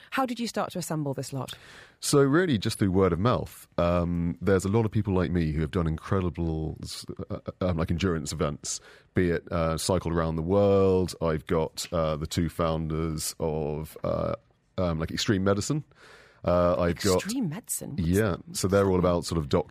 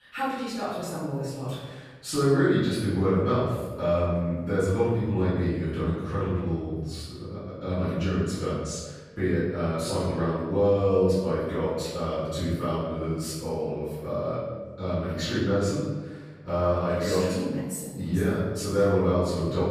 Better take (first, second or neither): first